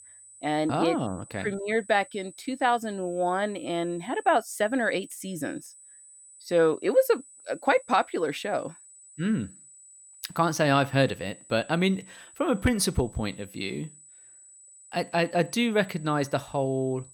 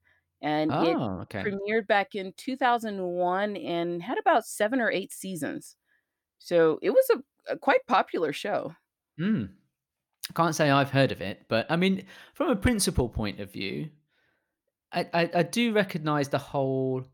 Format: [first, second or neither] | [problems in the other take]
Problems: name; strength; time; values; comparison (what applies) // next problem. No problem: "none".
second | high-pitched whine; faint; throughout; 8 kHz, 20 dB below the speech